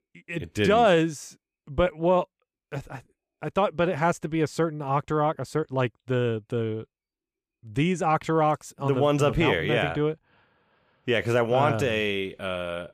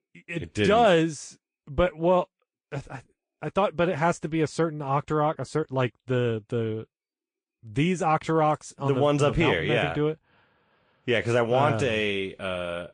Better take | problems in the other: first | garbled, watery; slightly; nothing above 9 kHz

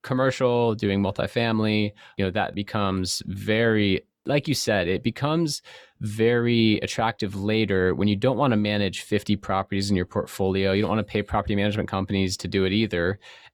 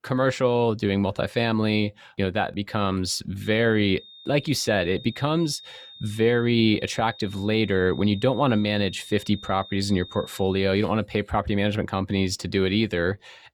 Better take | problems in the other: first | high-pitched whine; noticeable; from 3.5 to 11 s; 3.5 kHz, 20 dB below the speech

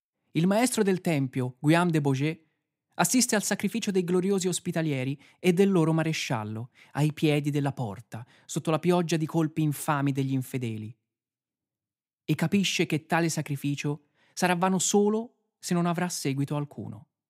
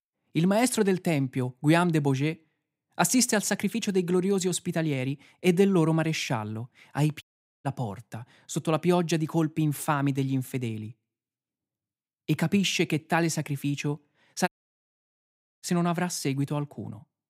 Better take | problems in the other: first | audio cutting out; at 7 s and at 14 s for 1 s

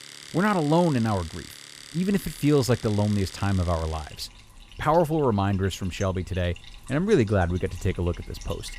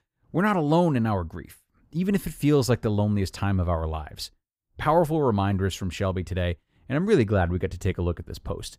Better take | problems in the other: second | household noises; noticeable; throughout; 20 dB below the speech

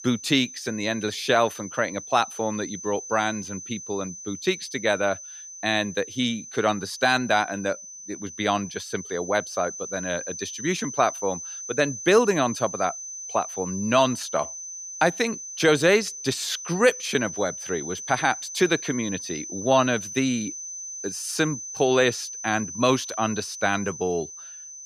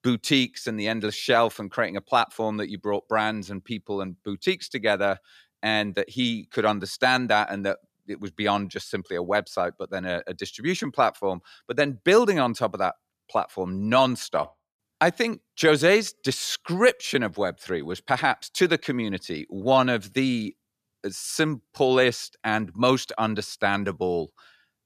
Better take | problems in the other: second | high-pitched whine; loud; throughout; 6 kHz, 10 dB below the speech

